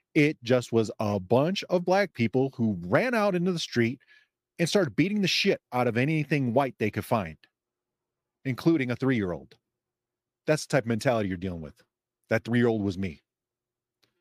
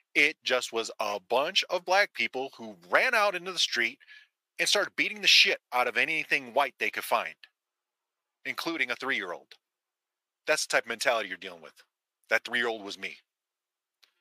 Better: first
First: none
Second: thin; very; fading below 900 Hz

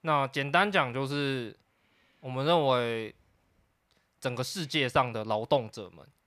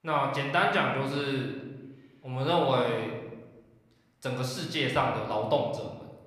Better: first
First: none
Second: room echo; noticeable; dies away in 1 s // off-mic speech; somewhat distant

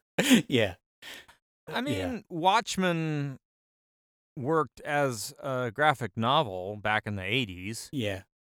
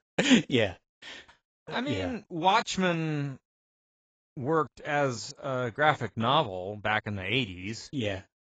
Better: first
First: none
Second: garbled, watery; badly; nothing above 7.5 kHz

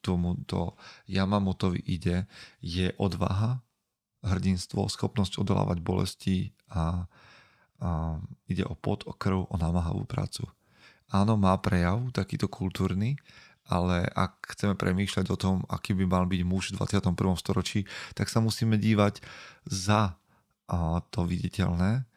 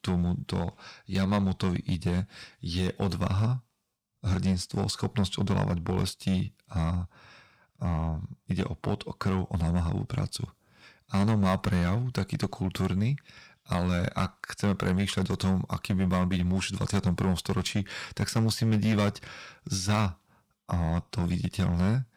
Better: first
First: none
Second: distortion; slight; 5% of the sound clipped

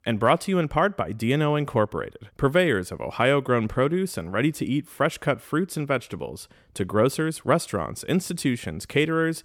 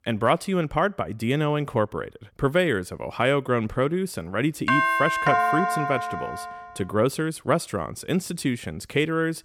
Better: first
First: none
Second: doorbell; loud; from 4.5 to 6.5 s; peak 5 dB above the speech

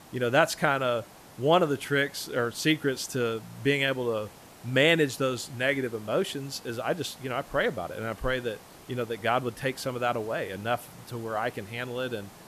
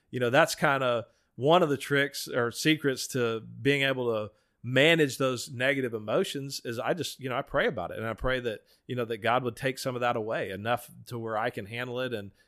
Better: second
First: hiss; faint; throughout; 20 dB below the speech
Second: none

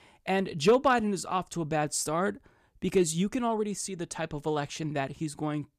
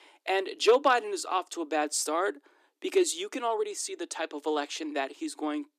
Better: first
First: none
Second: thin; somewhat; fading below 300 Hz

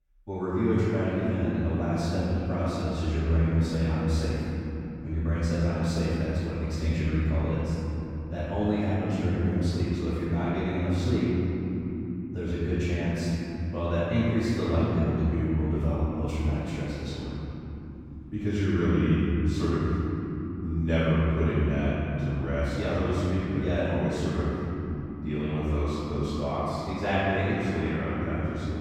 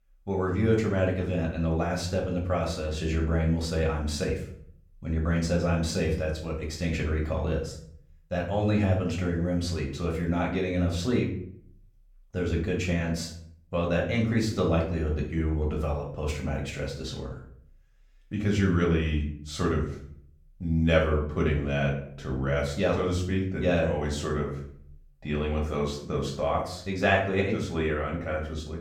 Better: second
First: room echo; strong; dies away in 3 s // off-mic speech; far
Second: room echo; slight; dies away in 0.5 s // off-mic speech; far

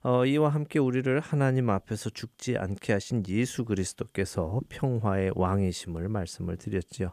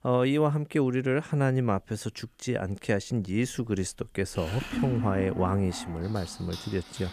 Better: first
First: none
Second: household noises; loud; throughout; 8 dB below the speech

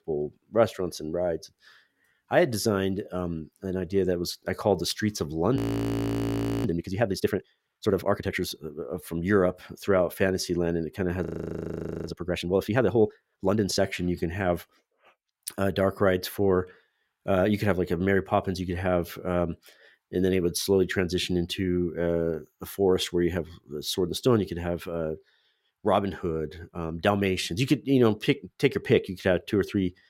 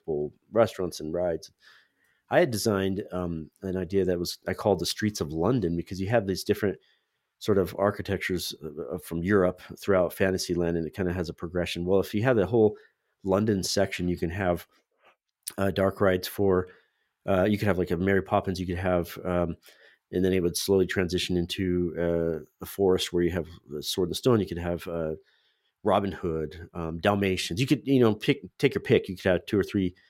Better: second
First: audio freezing; at 5.5 s for 1 s and at 11 s for 1 s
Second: none

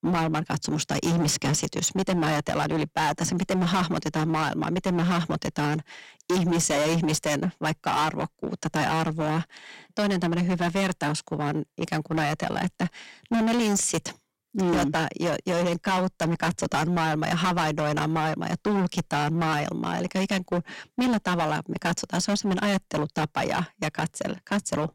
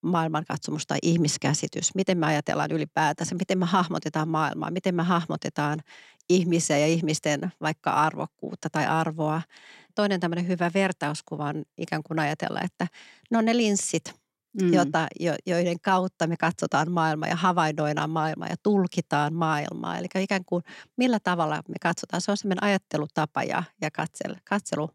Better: second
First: distortion; heavy; 18% of the sound clipped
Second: none

